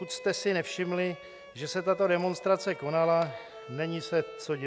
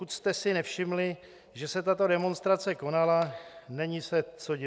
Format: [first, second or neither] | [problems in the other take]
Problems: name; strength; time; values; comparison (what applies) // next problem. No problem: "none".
second | background sound (Bowed string instrument); 16 dB below the speech